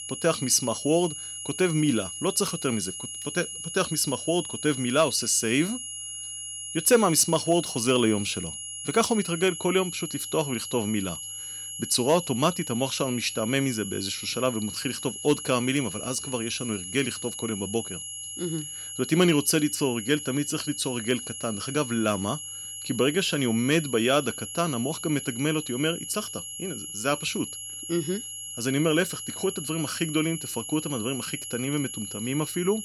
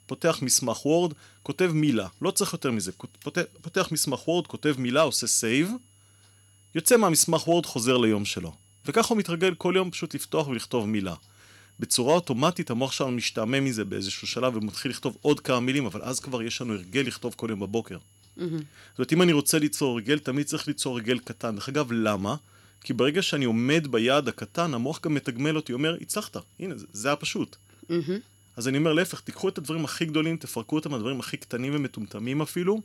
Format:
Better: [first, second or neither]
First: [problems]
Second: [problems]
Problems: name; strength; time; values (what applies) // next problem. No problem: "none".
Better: second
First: high-pitched whine; loud; throughout; 11 kHz, 8 dB below the speech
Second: high-pitched whine; faint; throughout; 11 kHz, 35 dB below the speech